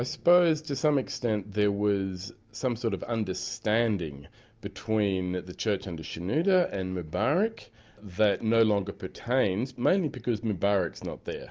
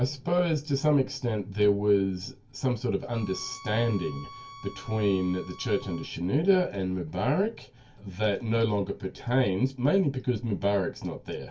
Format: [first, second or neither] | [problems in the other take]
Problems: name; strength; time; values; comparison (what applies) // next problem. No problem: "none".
first | background sound (Bowed string instrument); 19 dB below the speech // room echo; dies away in 0.1 s